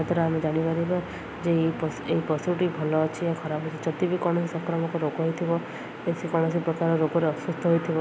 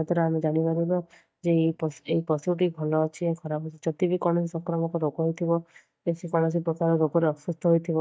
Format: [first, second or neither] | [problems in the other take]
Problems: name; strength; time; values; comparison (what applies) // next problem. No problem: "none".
first | noise reduction (neural mask model DeepFilterNet 3)